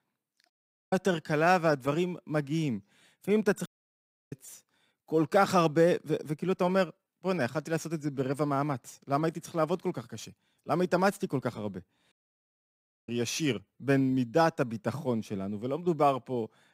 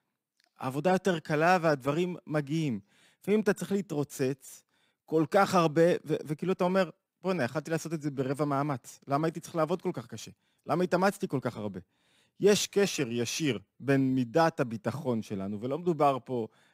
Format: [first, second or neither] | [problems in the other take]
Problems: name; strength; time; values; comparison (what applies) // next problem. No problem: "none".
second | audio cutting out; at 0.5 s, at 3.5 s for 0.5 s and at 12 s for 1 s